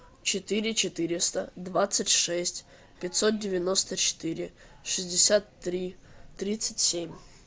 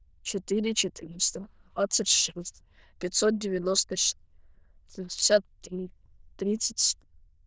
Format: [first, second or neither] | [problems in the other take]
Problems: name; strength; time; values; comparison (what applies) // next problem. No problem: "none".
first | noise reduction (neural diffusion model UNIVERSE++)